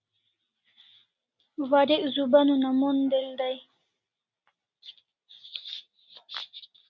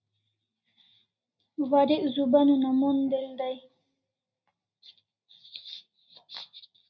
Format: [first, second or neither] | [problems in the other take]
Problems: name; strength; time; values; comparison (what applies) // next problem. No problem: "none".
first | room echo; dies away in 0.4 s